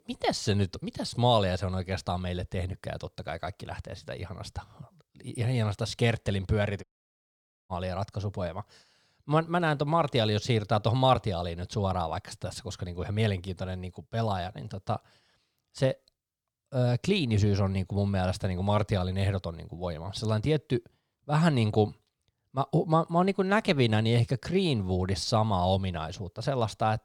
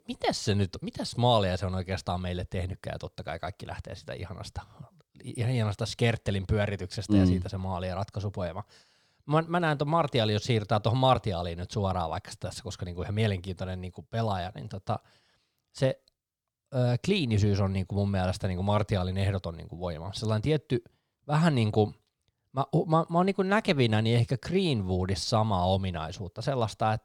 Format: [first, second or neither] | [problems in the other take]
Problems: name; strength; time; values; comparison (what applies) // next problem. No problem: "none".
second | audio cutting out; at 7 s for 1 s